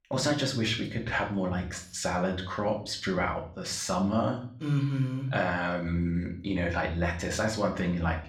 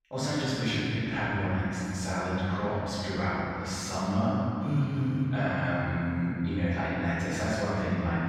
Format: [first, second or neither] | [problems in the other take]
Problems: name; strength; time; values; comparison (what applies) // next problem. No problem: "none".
first | room echo; strong; dies away in 3 s; slight in the first // off-mic speech; far; somewhat distant in the first